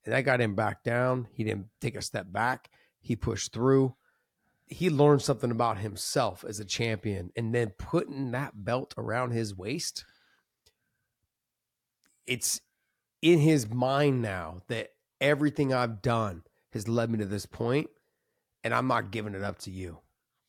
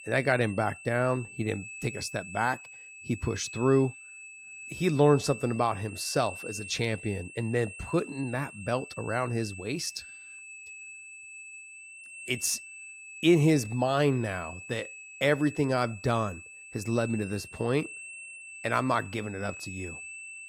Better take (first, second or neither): first